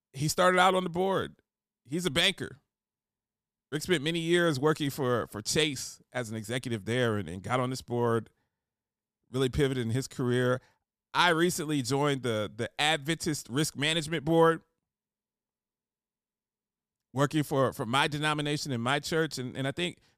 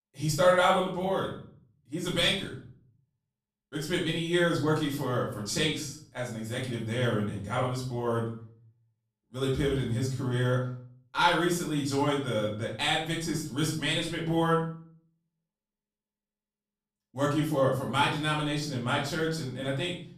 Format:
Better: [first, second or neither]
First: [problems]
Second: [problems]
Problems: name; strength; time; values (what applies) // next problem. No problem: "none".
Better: first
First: none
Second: room echo; noticeable; dies away in 0.4 s // off-mic speech; far